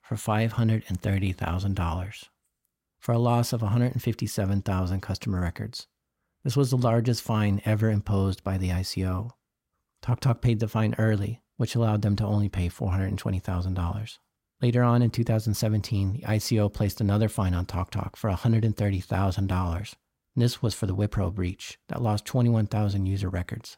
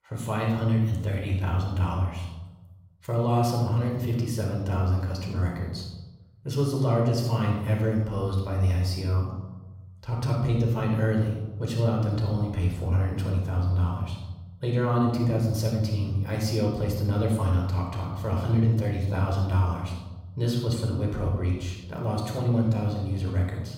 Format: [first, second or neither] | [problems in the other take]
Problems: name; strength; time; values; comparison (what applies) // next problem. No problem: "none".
first | off-mic speech; somewhat distant // room echo; noticeable; dies away in 1 s